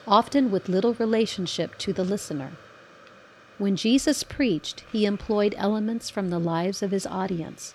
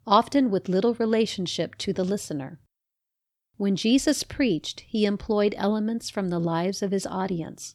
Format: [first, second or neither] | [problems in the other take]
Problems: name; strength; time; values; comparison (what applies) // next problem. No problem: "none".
second | hiss; faint; throughout; 25 dB below the speech